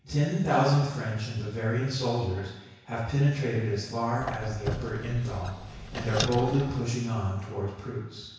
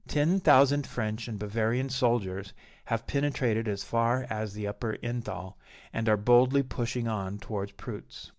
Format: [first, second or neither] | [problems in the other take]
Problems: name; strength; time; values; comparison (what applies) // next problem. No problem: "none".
second | background sound (Squeak); 7 dB below the speech // room echo; dies away in 1.1 s